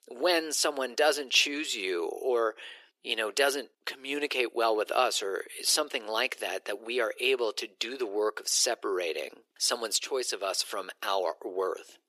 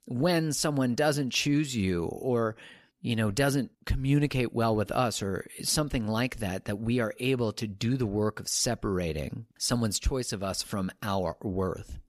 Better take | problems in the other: second | thin; very; fading below 350 Hz

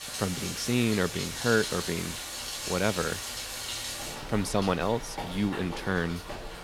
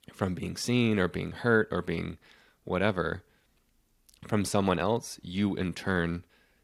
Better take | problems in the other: second | rain or running water; loud; throughout; 5 dB below the speech

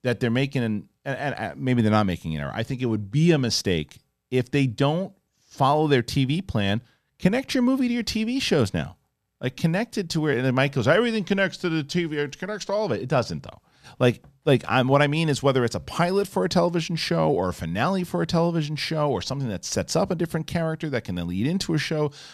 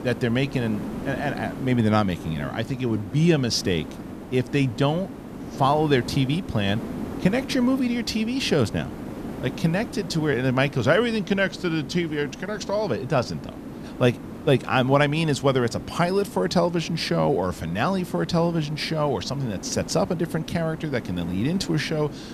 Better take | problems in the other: first | hiss; noticeable; throughout; 10 dB below the speech

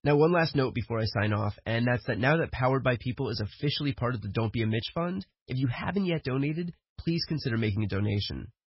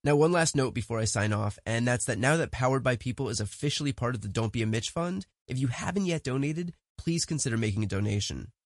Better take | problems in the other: second | garbled, watery; badly; nothing above 5.5 kHz; slightly in the second

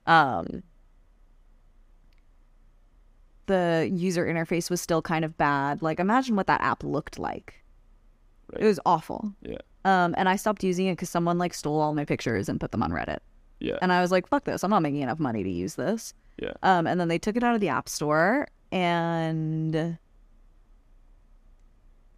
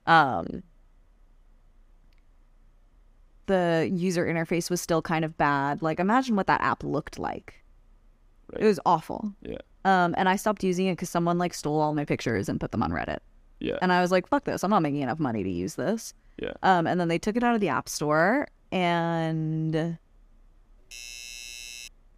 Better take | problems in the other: first | doorbell; faint; from 21 s on; peak 10 dB below the speech

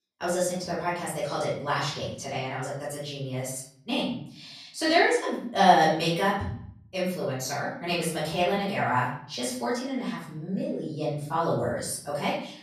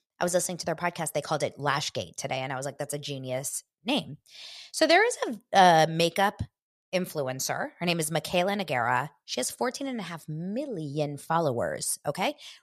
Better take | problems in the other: second | off-mic speech; far // room echo; noticeable; dies away in 0.6 s

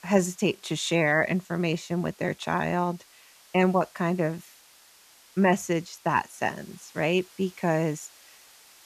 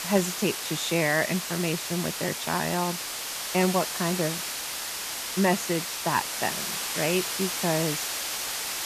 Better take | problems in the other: first | hiss; loud; throughout; 2 dB below the speech; faint in the first

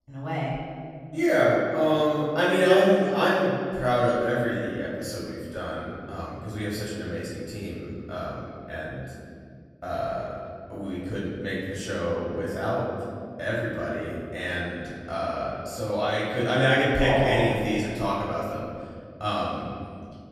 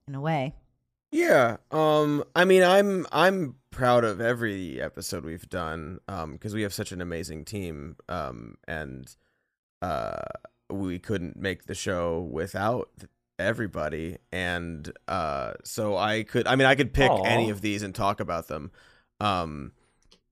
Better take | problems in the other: second | off-mic speech; far // room echo; noticeable; dies away in 2 s

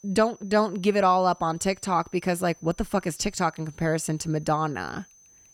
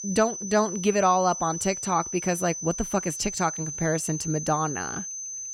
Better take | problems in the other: first | high-pitched whine; loud; throughout; 6 kHz, 6 dB below the speech; faint in the first

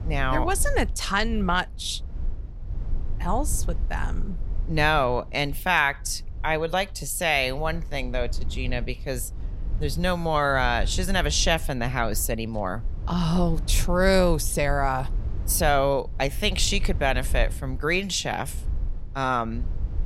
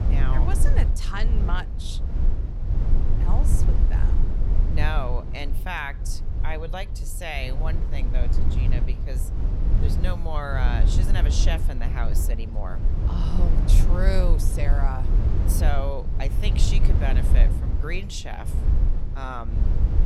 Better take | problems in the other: first | low rumble; loud; throughout; 6 dB below the speech; faint in the first

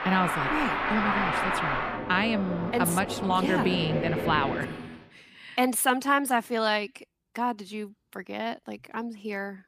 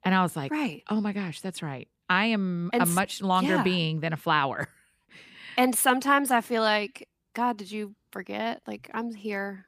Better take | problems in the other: second | traffic noise; loud; until 4.5 s; 1 dB below the speech

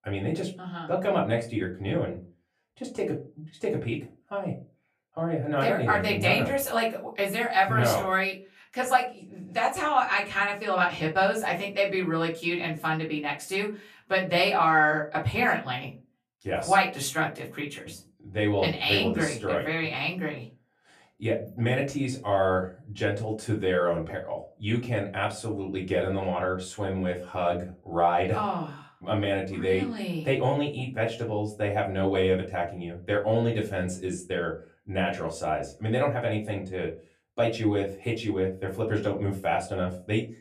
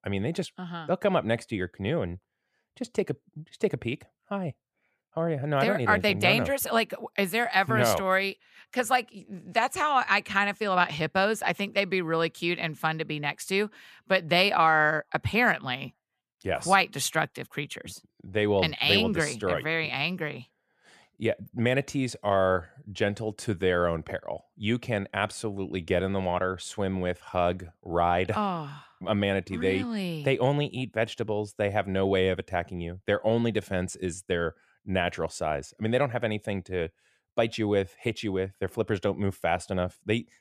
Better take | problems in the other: second | off-mic speech; far // room echo; very slight; dies away in 0.2 s

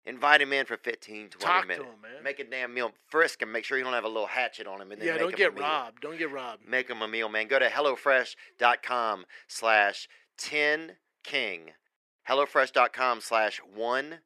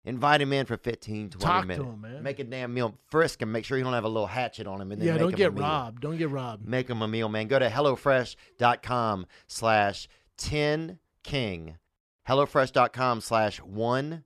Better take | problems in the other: second | thin; somewhat; fading below 350 Hz

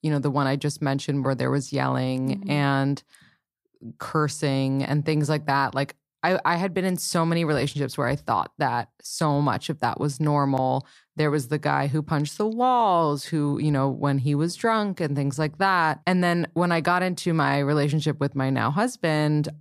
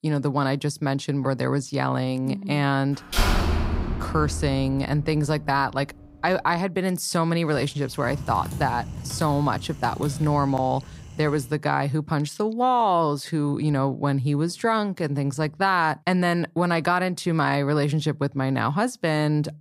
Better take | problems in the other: first | door banging; loud; from 3 to 5 s; peak 2 dB above the speech // keyboard typing; noticeable; from 8 to 12 s; peak 8 dB below the speech

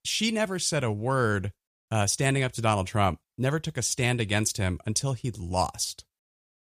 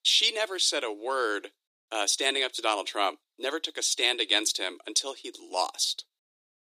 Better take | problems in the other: first | thin; very; fading below 300 Hz

